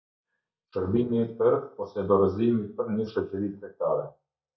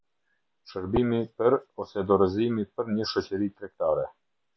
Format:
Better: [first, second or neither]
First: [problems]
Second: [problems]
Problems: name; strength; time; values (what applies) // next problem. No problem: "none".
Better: second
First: noise reduction (neural mask model DeepFilterNet 3)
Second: none